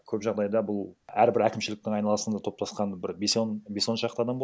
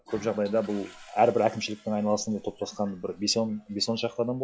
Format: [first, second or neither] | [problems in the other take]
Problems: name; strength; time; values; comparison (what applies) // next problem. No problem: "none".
first | noise reduction (classical method log-MMSE)